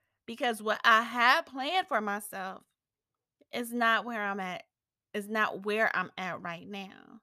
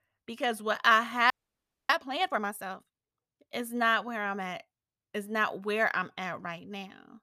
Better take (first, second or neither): first